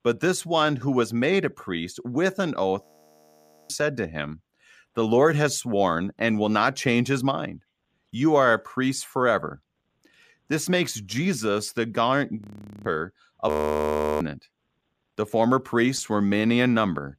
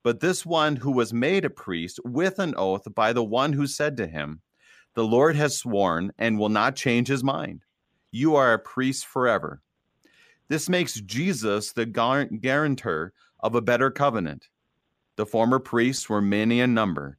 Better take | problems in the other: second | audio freezing; at 3 s for 1 s, at 12 s and at 13 s for 0.5 s

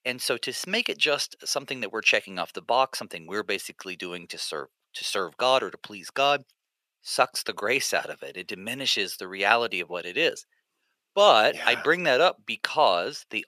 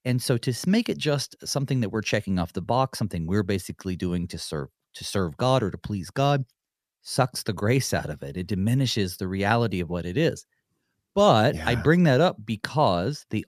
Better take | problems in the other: second | thin; very; fading below 550 Hz

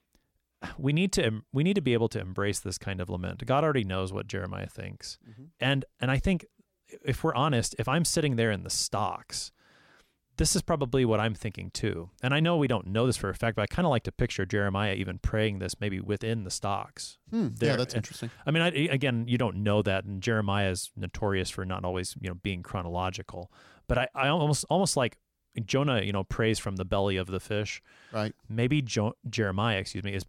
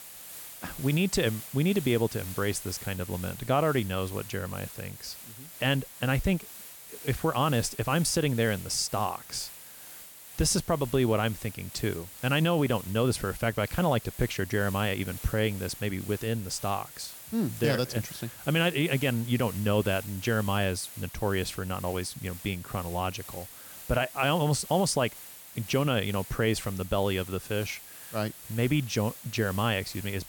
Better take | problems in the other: first | hiss; noticeable; throughout; 15 dB below the speech

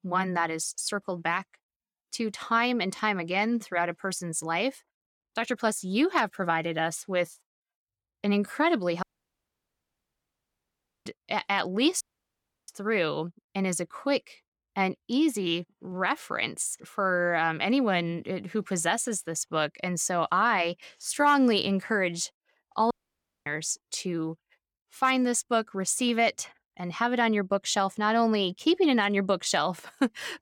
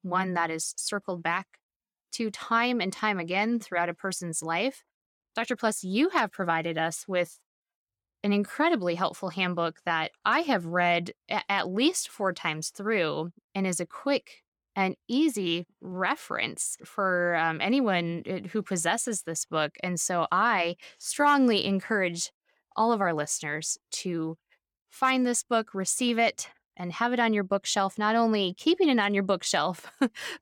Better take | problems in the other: second | audio cutting out; at 9 s for 2 s, at 12 s for 0.5 s and at 23 s for 0.5 s

